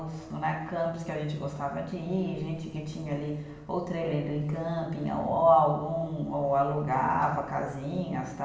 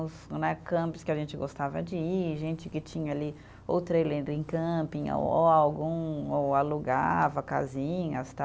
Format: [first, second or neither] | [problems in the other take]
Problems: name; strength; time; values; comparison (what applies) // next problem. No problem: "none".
second | room echo; dies away in 1 s